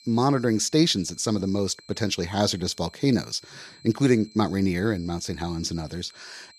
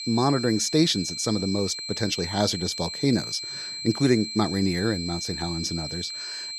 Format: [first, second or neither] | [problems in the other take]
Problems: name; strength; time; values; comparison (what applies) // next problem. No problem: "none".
first | high-pitched whine; loud; throughout; 4 kHz, 6 dB below the speech; faint in the first